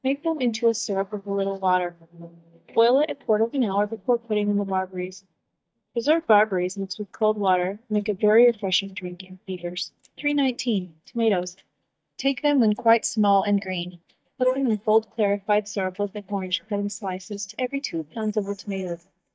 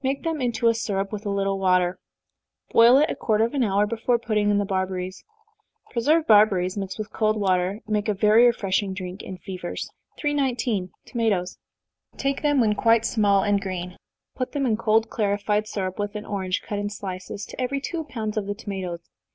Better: second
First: noise reduction (neural mask model DeepFilterNet 3)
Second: none

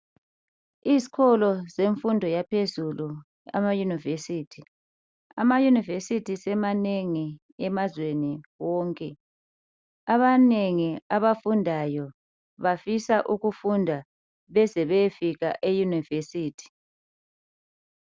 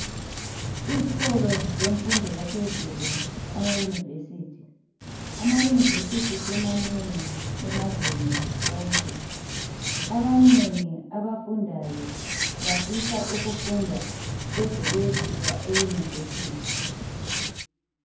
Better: first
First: none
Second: background sound (Hands); 3 dB below the speech // room echo; dies away in 0.9 s

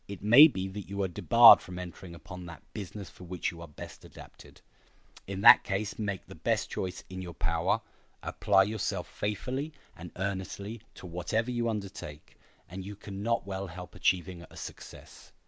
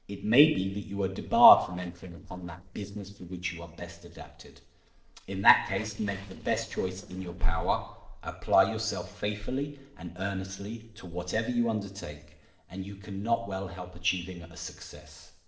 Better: first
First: none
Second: noise reduction (neural separator model SepFormer DNS4)

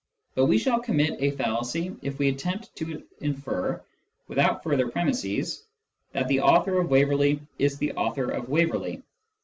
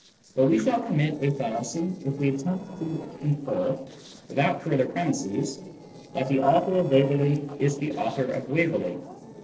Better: first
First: none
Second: noise reduction (neural separator model SepFormer DNS4)

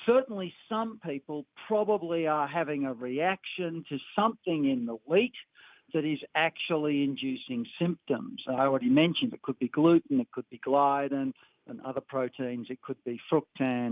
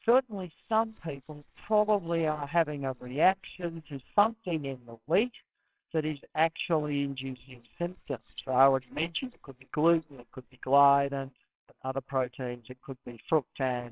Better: first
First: none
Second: noise reduction (neural separator model SepFormer WHAMR!)

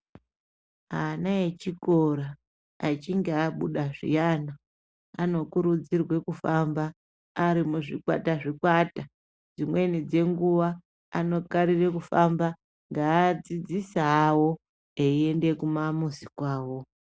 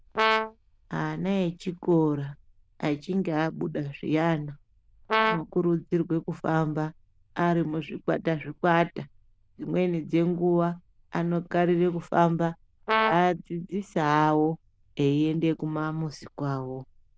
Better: first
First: none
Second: noise reduction (neural diffusion model UNIVERSE++)

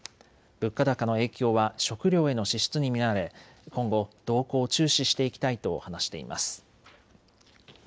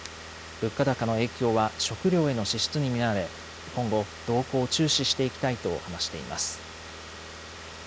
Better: first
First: none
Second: background sound (Car); 13 dB below the speech

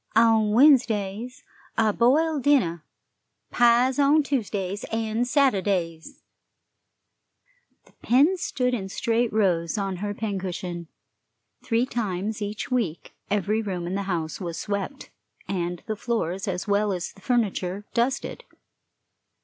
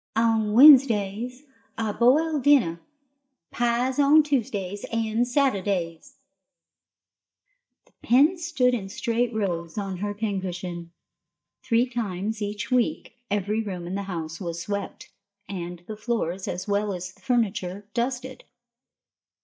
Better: first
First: none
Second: noise reduction (neural mask model DeepFilterNet 3)

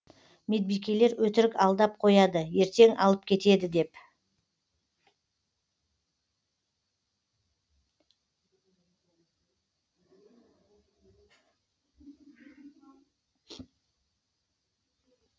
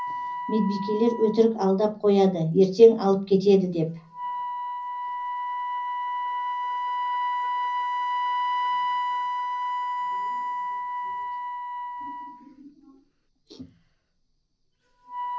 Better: first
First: none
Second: background sound (Wind instrument, woodwind instrument); 4 dB below the speech // room echo; dies away in 0.5 s

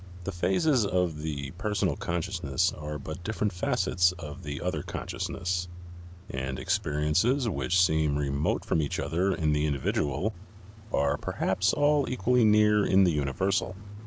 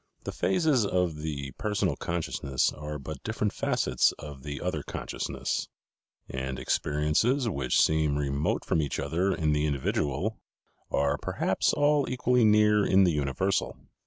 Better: second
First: background sound (Idling / Engine starting / Accelerating, revving, vroom / Car); 14 dB below the speech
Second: none

